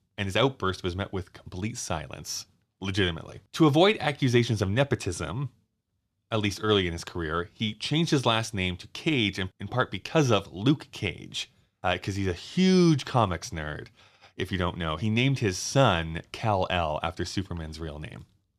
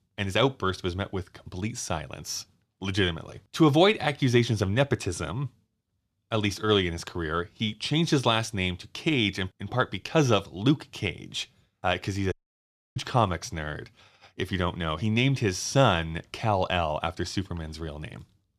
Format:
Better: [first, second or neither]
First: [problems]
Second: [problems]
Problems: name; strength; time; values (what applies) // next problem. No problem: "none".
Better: first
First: none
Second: audio cutting out; at 12 s for 0.5 s